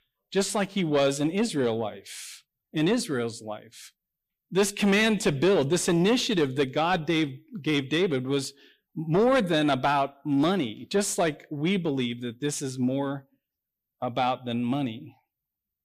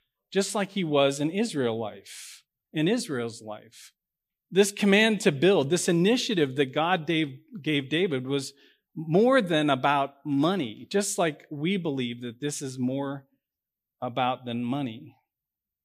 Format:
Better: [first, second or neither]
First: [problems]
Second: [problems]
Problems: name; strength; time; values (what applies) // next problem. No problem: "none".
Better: second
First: distortion; slight; 10 dB below the speech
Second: none